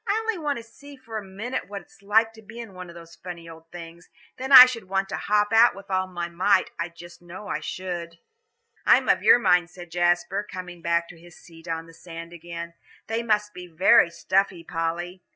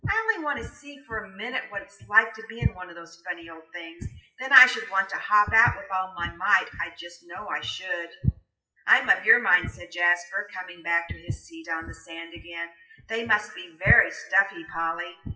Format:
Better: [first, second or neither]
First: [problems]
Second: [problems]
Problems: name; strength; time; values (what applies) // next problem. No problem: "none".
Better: first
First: none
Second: noise reduction (classical method WPE with log-MMSE)